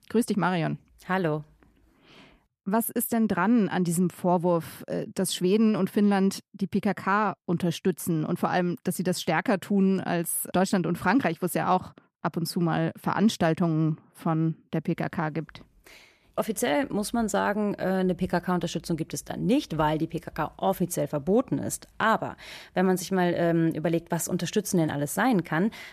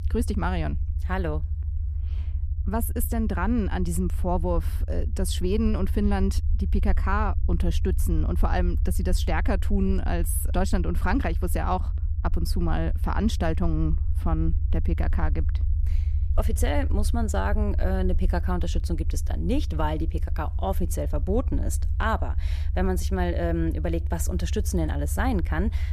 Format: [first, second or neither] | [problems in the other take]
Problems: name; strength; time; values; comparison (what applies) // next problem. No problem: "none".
first | low rumble; noticeable; throughout; 15 dB below the speech